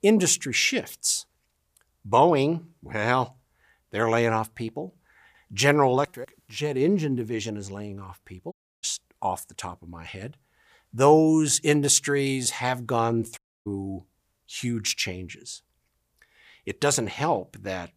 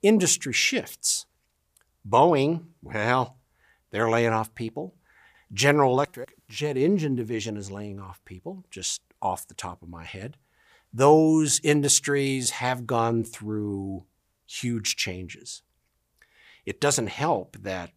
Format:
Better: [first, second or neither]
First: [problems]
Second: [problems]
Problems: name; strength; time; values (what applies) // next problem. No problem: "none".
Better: second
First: audio cutting out; at 8.5 s and at 13 s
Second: none